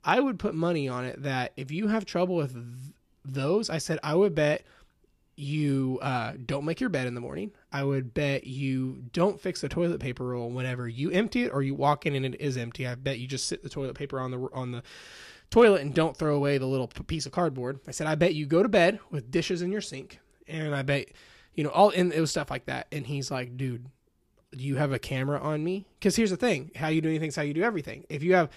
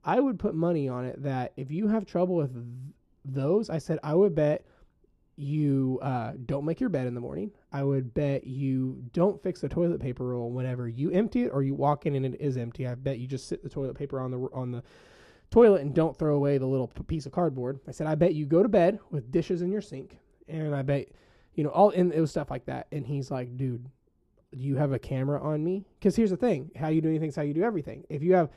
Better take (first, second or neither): first